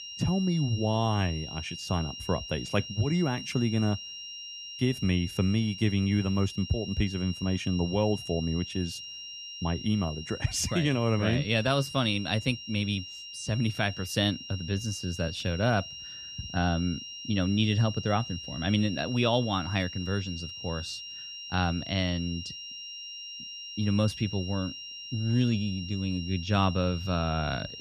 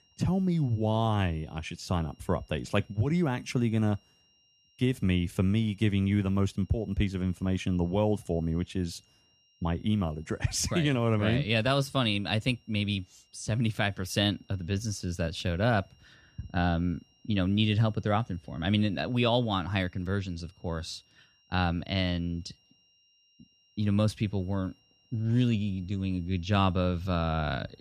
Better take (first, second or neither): second